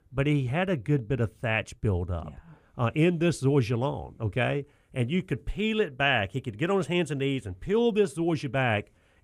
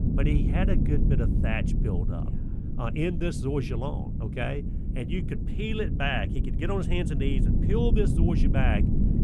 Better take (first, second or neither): first